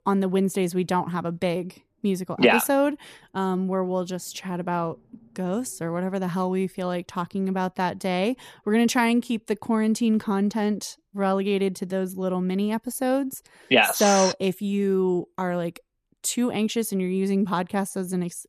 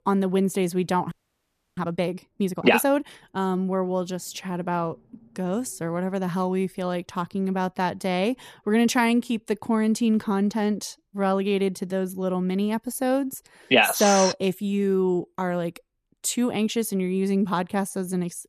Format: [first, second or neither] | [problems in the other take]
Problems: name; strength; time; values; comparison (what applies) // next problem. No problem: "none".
first | audio freezing; at 1 s for 0.5 s